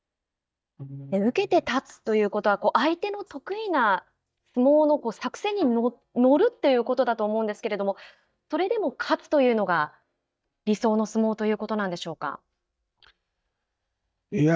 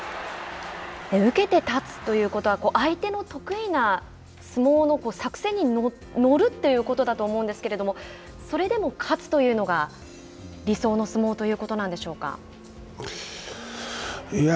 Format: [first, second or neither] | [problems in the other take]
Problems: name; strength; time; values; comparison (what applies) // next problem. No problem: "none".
second | noise reduction (neural mask model DeepFilterNet 3)